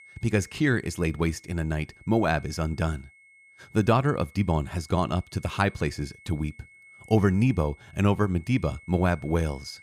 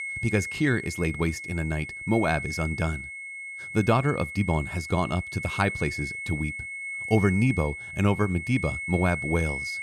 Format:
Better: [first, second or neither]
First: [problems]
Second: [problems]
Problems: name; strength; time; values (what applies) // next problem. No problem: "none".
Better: first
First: high-pitched whine; faint; throughout; 2 kHz, 25 dB below the speech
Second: high-pitched whine; loud; throughout; 2 kHz, 6 dB below the speech